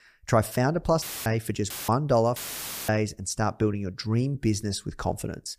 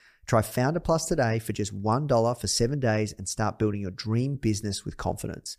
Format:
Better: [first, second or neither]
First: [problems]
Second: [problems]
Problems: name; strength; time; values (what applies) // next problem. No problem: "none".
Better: second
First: audio cutting out; filled with static; at 1 s, at 1.5 s and at 2.5 s for 0.5 s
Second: none